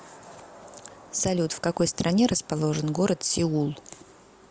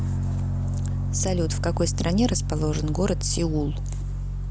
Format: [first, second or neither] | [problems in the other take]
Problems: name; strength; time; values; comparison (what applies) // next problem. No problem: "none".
first | background sound (Piano); 1 dB above the speech